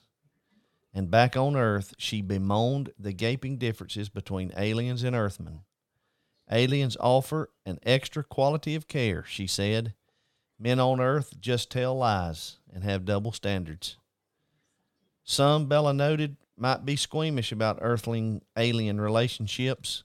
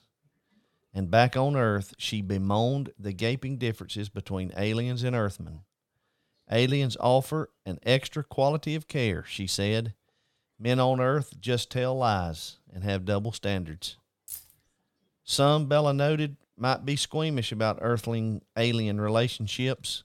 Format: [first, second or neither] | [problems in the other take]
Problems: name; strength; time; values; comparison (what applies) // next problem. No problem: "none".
first | jangling keys; faint; at 14 s; peak 15 dB below the speech